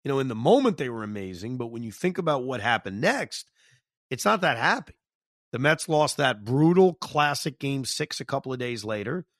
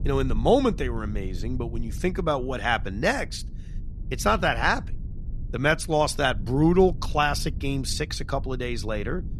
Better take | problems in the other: first | low rumble; faint; throughout; 25 dB below the speech

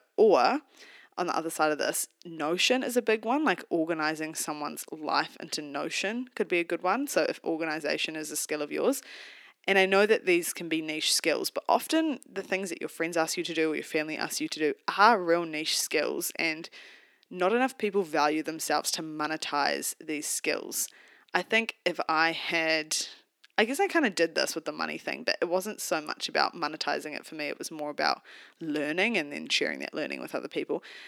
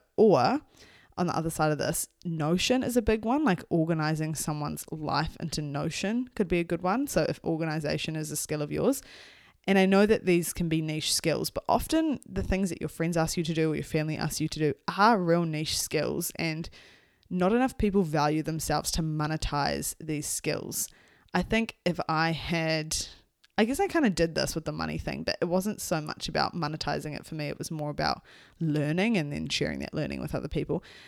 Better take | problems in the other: second | thin; somewhat; fading below 250 Hz

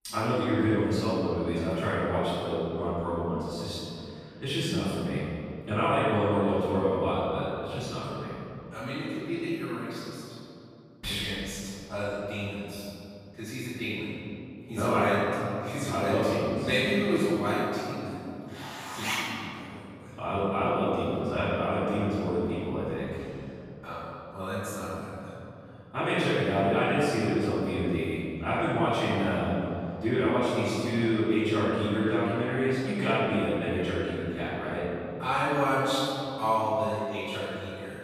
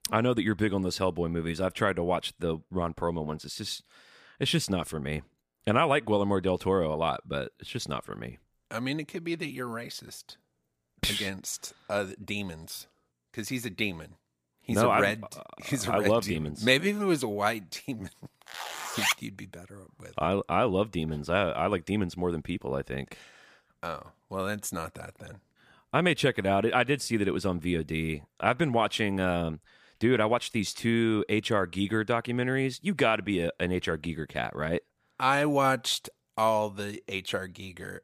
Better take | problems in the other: second | off-mic speech; far // room echo; strong; dies away in 2.7 s

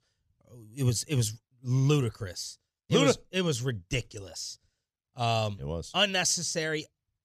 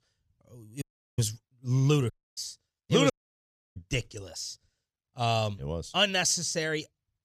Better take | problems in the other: first | audio cutting out; at 1 s, at 2 s and at 3 s for 0.5 s

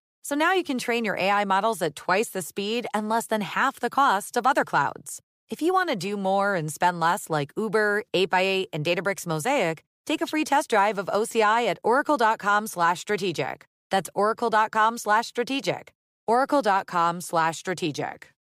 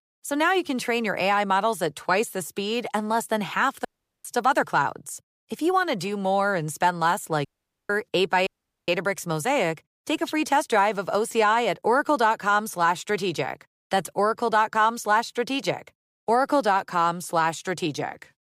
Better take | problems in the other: first | audio cutting out; at 4 s, at 7.5 s and at 8.5 s

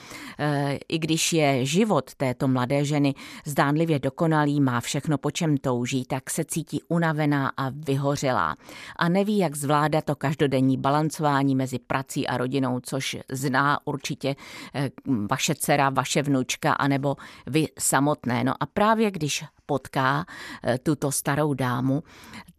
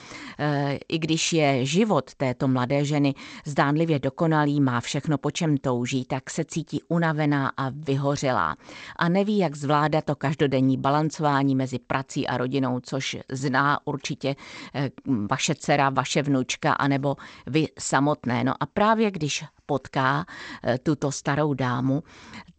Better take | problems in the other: first | garbled, watery; slightly; nothing above 8 kHz

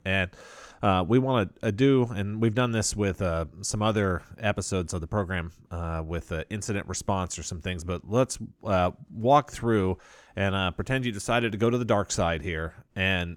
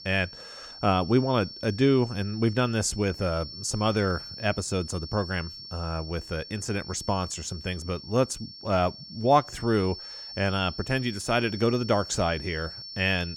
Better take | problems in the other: first | high-pitched whine; noticeable; throughout; 5.5 kHz, 10 dB below the speech

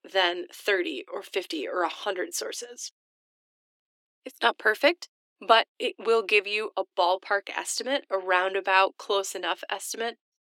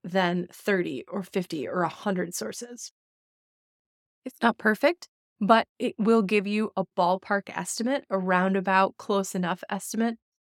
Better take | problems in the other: second | thin; very; fading below 300 Hz

